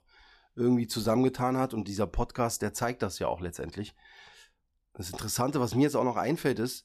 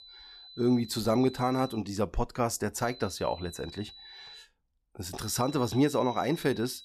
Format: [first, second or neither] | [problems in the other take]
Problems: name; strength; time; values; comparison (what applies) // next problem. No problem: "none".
first | high-pitched whine; noticeable; until 2 s, from 3 to 4.5 s and from 5 s on; 4 kHz, 15 dB below the speech